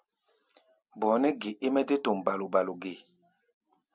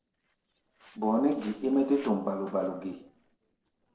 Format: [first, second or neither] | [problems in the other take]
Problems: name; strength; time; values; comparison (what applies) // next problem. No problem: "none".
first | noise reduction (neural separator model SepFormer DNS4)